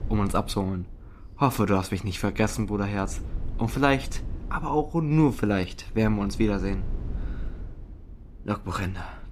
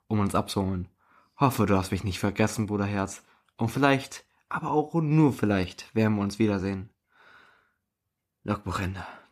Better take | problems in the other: second | low rumble; faint; throughout; 25 dB below the speech

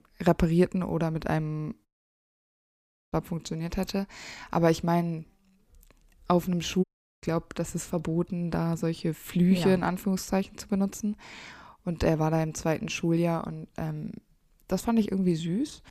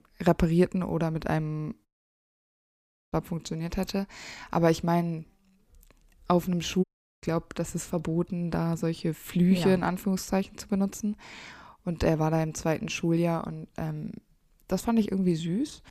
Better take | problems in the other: neither | audio cutting out; at 2 s for 1.5 s and at 7 s; the same in both

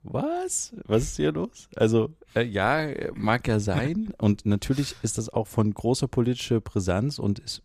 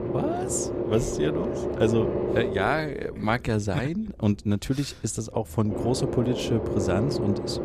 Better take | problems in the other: first | low rumble; loud; throughout; 2 dB below the speech

